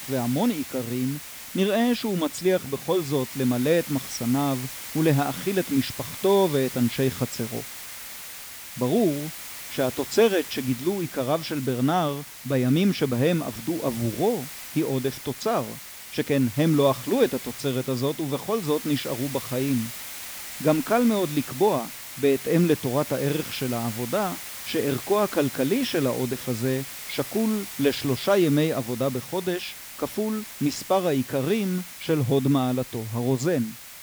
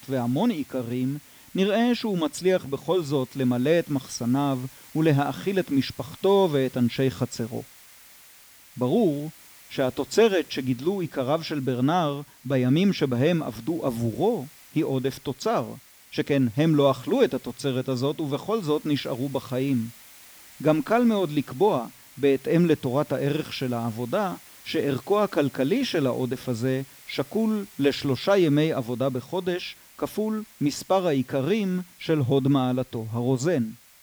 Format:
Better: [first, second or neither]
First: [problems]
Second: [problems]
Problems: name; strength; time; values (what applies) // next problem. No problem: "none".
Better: second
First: hiss; loud; throughout; 10 dB below the speech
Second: hiss; faint; throughout; 20 dB below the speech